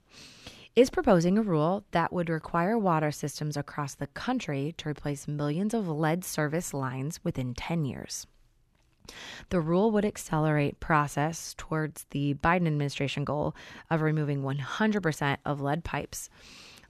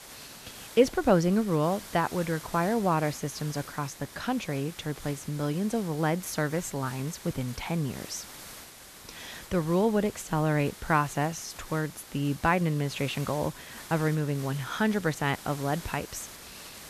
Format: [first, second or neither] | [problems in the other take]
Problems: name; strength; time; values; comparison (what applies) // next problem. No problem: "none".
first | hiss; noticeable; throughout; 15 dB below the speech